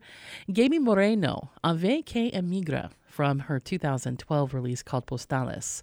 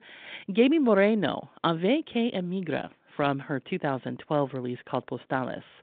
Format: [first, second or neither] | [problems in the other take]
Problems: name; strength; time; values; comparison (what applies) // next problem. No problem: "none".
first | phone-call audio; nothing above 3.5 kHz